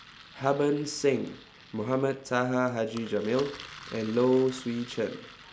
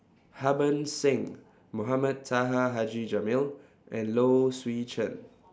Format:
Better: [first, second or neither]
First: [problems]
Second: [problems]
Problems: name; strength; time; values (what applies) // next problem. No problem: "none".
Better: second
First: background sound (Engine); 19 dB below the speech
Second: none